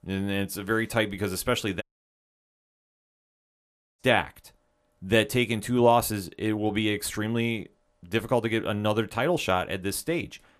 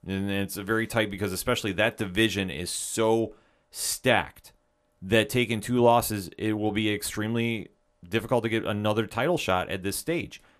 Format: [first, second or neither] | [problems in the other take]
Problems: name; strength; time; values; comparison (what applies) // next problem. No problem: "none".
second | audio cutting out; at 2 s for 2 s